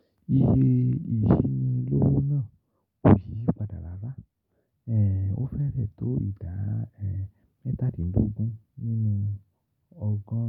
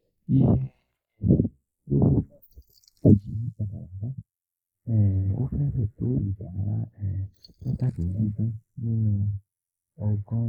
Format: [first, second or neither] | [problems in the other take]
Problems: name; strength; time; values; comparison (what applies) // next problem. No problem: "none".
first | noise reduction (neural mask model Resemble Enhance denoiser)